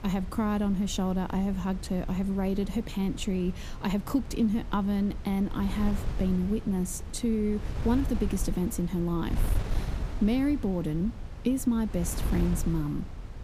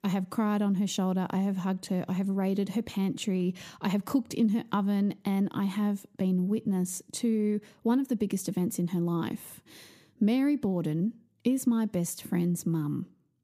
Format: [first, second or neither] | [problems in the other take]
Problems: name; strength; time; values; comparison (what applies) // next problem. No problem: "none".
second | wind noise on the microphone; occasional gusts; 10 dB below the speech